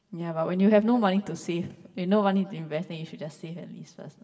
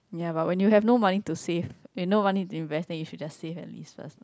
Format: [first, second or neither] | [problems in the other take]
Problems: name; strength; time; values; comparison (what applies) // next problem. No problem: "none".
second | room echo; dies away in 1.2 s